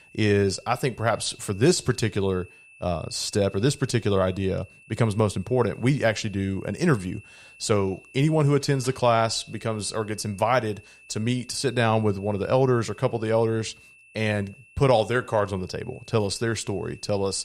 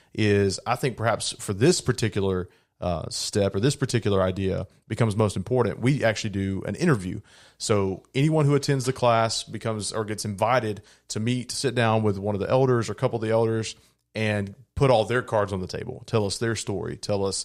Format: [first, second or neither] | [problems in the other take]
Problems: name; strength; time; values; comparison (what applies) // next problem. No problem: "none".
second | high-pitched whine; faint; throughout; 2.5 kHz, 25 dB below the speech